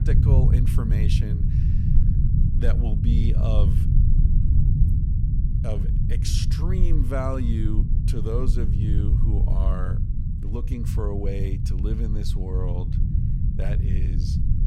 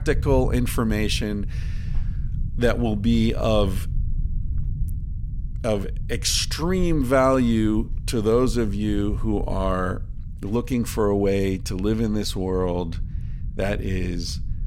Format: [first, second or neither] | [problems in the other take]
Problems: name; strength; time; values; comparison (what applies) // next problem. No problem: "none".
second | low rumble; loud; throughout; 2 dB below the speech; faint in the second